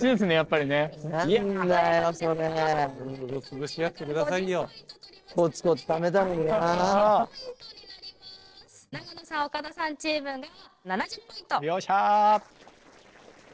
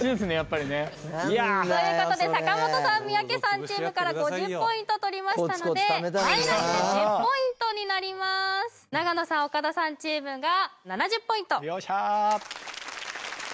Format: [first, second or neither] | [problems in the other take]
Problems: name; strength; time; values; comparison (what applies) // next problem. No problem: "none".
second | noise reduction (neural separator model SepFormer DNS4)